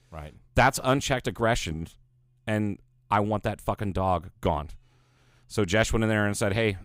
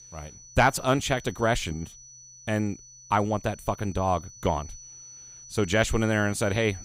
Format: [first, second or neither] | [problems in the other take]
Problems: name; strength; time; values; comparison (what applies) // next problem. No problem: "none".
first | high-pitched whine; noticeable; throughout; 6 kHz, 20 dB below the speech